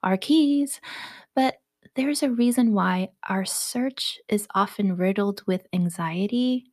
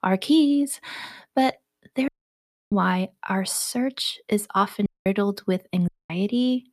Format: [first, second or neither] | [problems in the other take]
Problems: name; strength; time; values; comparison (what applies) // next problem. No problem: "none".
first | audio cutting out; at 2 s for 0.5 s, at 5 s and at 6 s